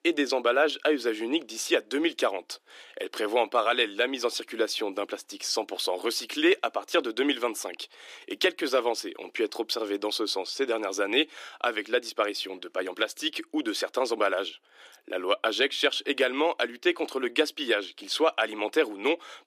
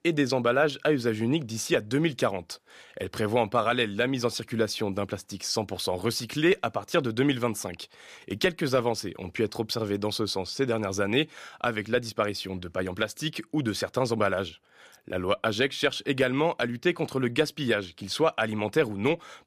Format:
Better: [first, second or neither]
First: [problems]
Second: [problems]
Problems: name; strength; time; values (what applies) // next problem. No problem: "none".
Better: second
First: thin; somewhat; fading below 300 Hz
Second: none